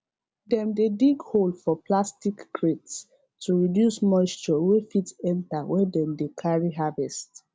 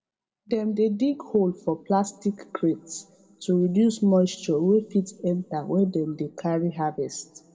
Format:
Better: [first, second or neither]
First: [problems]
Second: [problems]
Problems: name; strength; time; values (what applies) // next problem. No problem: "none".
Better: first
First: none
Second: room echo; dies away in 1 s